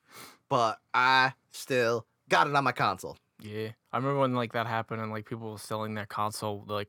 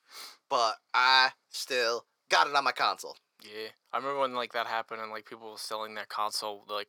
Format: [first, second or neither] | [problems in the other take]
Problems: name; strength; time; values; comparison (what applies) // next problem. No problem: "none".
first | thin; somewhat; fading below 500 Hz